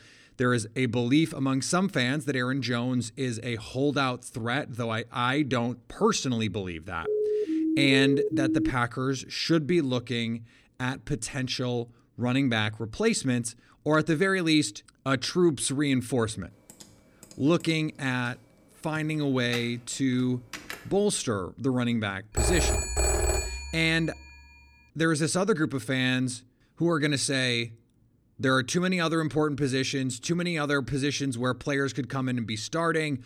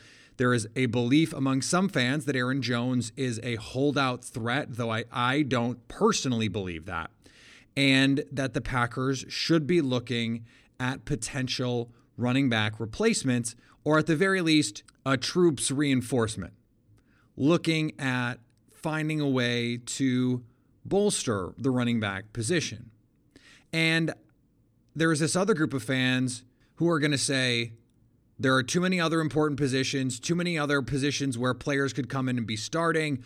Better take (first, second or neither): second